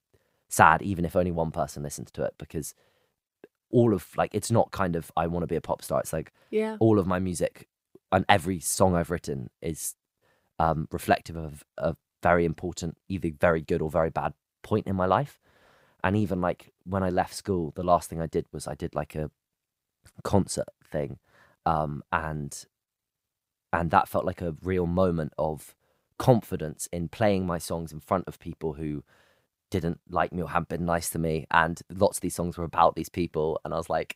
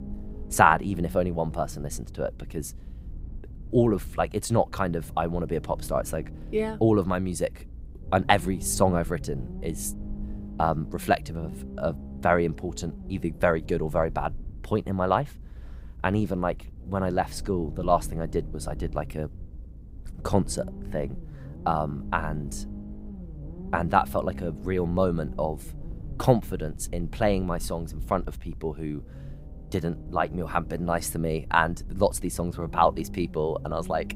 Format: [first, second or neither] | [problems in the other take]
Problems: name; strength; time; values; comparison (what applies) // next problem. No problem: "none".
first | low rumble; faint; throughout; 20 dB below the speech